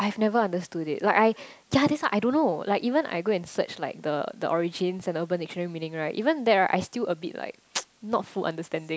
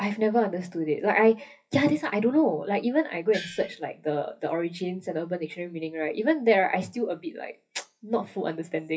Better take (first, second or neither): first